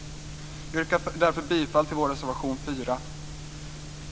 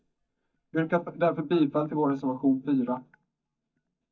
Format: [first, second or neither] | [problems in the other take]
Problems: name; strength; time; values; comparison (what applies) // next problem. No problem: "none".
first | noise reduction (neural mask model DeepFilterNet 3)